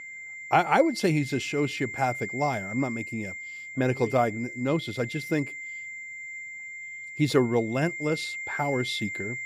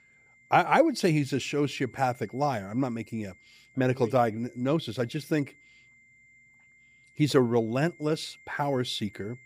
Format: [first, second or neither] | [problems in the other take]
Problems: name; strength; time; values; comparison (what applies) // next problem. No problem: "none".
second | high-pitched whine; loud; throughout; 2 kHz, 8 dB below the speech; faint in the second